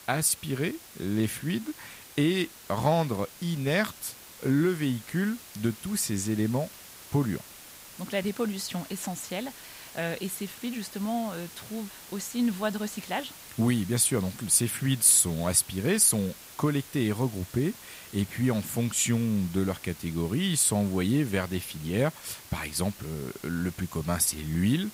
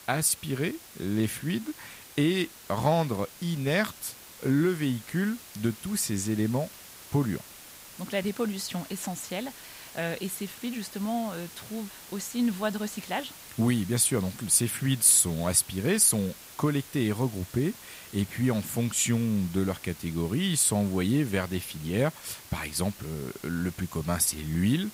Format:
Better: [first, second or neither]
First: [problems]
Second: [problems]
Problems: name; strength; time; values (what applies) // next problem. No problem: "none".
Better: neither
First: hiss; noticeable; throughout; 15 dB below the speech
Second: hiss; noticeable; throughout; 15 dB below the speech